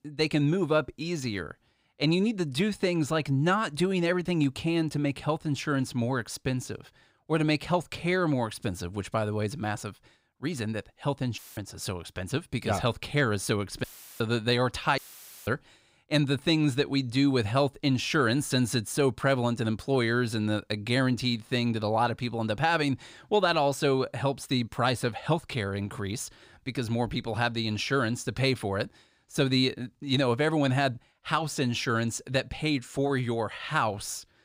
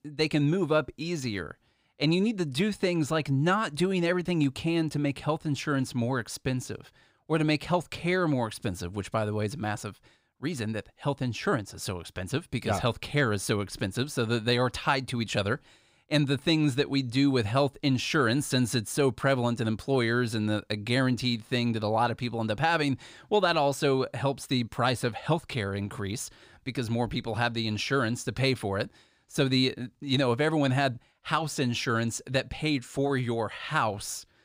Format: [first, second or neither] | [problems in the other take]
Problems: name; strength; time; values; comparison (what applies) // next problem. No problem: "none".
second | audio cutting out; filled with static; at 11 s, at 14 s and at 15 s